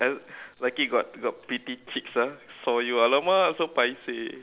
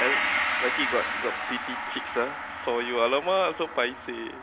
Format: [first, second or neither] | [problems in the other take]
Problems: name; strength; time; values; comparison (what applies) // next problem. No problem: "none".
first | background sound (Gong); 2 dB below the speech